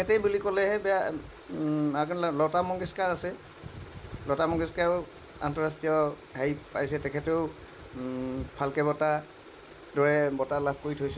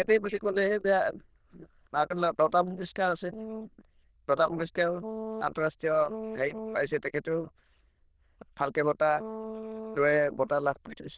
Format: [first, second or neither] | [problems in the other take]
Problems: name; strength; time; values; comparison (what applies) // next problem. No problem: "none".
first | noise reduction (neural diffusion model UNIVERSE++)